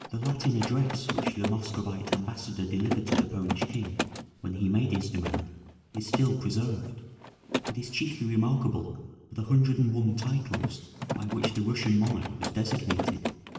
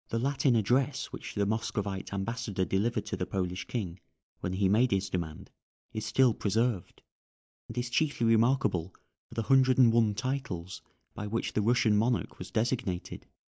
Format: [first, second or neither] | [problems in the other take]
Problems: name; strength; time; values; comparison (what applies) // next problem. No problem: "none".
second | background sound (Mechanisms); 6 dB below the speech // room echo; dies away in 1.2 s